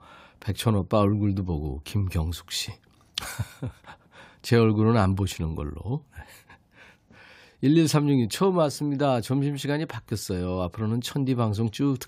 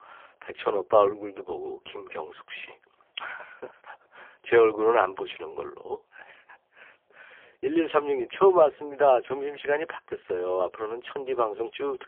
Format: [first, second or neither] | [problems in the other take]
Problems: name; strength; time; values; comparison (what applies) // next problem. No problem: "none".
first | phone-call audio; poor line; nothing above 3.5 kHz